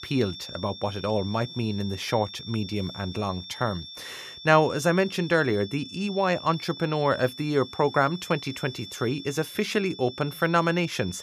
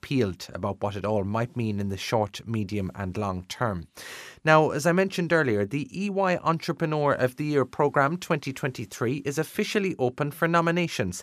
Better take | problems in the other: second | high-pitched whine; noticeable; throughout; 3.5 kHz, 15 dB below the speech

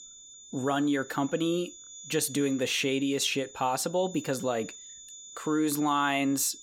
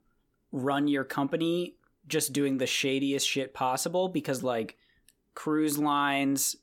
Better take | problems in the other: second | high-pitched whine; noticeable; throughout; 7 kHz, 15 dB below the speech

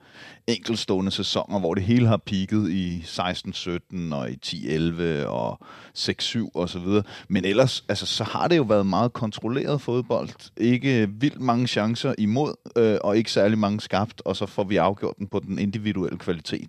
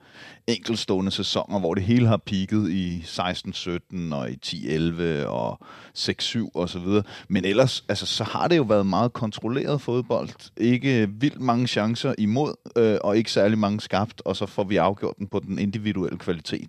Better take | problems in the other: neither | none

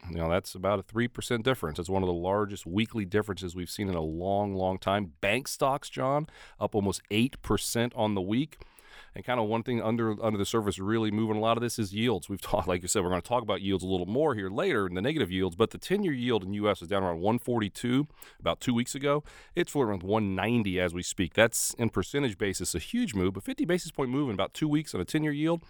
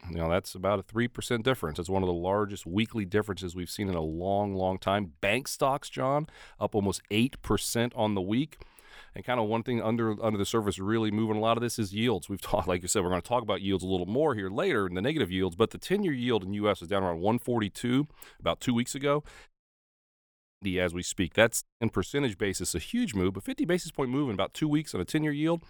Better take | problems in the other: first | audio cutting out; at 19 s for 1 s and at 22 s

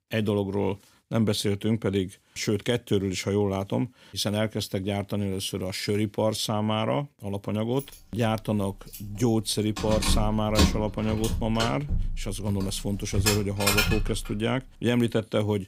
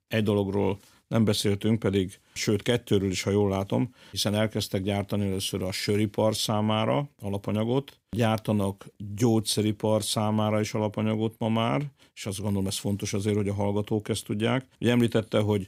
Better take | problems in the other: second | jangling keys; loud; from 10 to 14 s; peak 5 dB above the speech

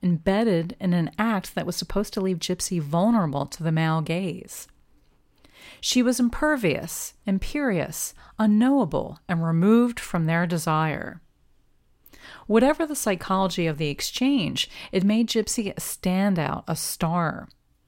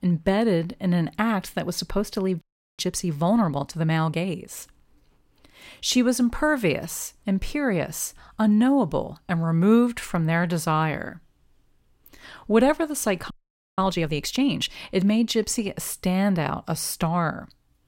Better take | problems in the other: first | audio freezing; at 2.5 s and at 13 s

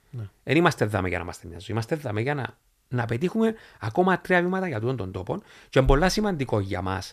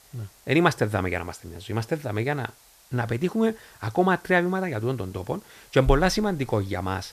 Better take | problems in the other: first | hiss; faint; throughout; 25 dB below the speech

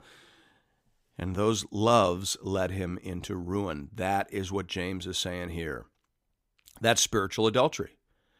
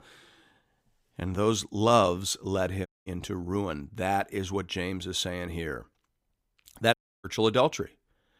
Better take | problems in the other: first | audio cutting out; at 3 s and at 7 s

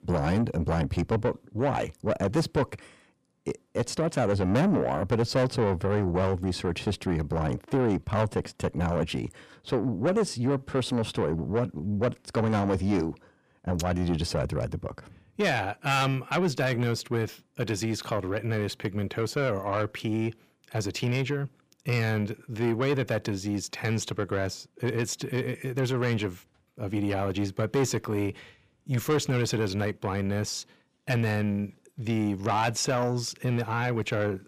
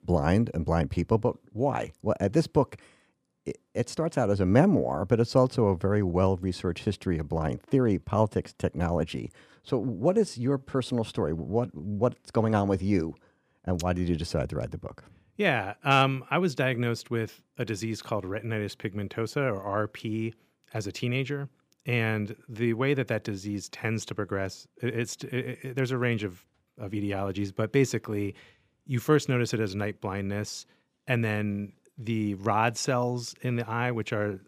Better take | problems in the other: second | distortion; heavy; 7 dB below the speech

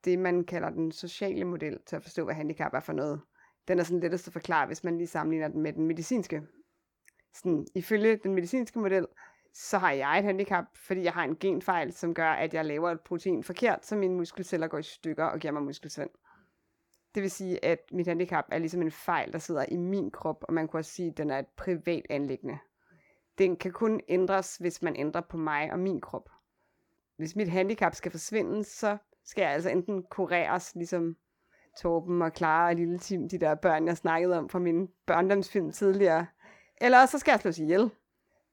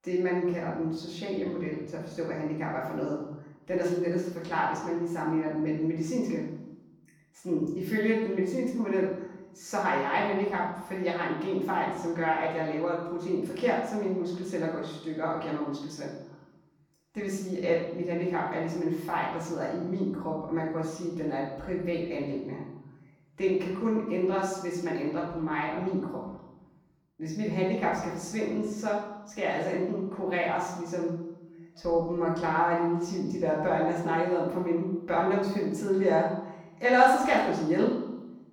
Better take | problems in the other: first | off-mic speech; far // room echo; noticeable; dies away in 1 s

